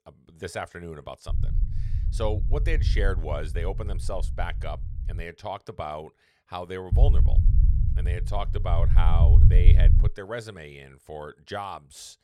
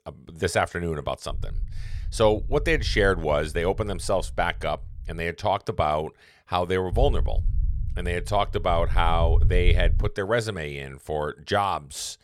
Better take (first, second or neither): second